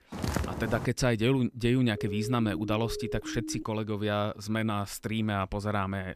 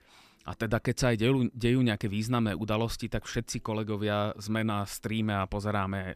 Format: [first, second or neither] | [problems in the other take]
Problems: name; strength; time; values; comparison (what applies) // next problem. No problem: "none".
second | footsteps; noticeable; at the start; peak 2 dB below the speech // siren; noticeable; from 2 to 3.5 s; peak 8 dB below the speech